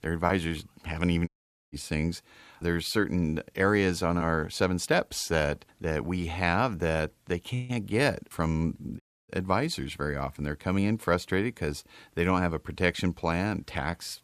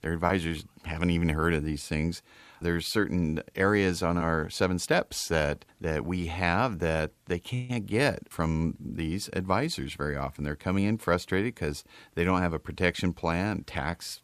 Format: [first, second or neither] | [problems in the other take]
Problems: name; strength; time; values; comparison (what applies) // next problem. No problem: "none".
second | audio cutting out; at 1.5 s and at 9 s